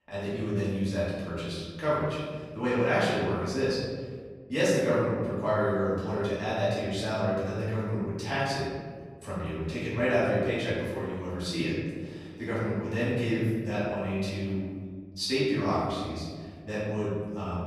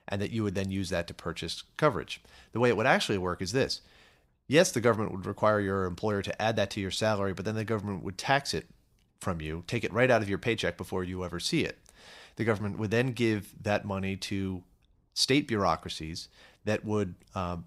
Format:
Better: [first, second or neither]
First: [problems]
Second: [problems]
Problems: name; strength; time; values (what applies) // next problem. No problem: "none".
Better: second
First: off-mic speech; far // room echo; strong; dies away in 1.8 s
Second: none